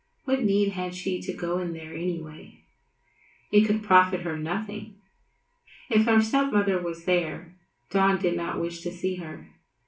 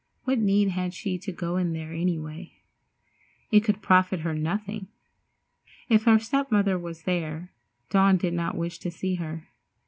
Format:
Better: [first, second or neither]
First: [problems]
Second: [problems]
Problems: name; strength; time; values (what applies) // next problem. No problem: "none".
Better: second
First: room echo; dies away in 0.3 s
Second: none